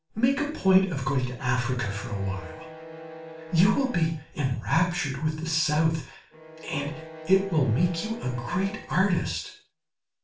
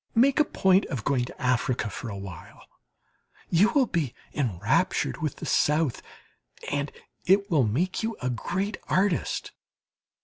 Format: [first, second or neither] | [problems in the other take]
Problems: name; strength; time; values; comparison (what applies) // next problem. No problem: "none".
second | background sound (Bowed string instrument); 18 dB below the speech // room echo; dies away in 0.4 s